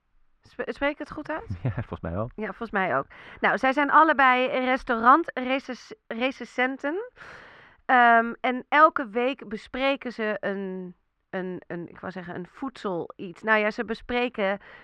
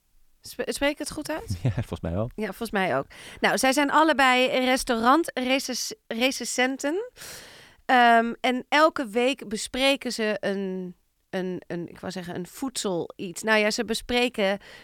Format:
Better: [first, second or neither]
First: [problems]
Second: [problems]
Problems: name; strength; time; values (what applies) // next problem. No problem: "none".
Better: second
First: muffled; very; fading above 2 kHz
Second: none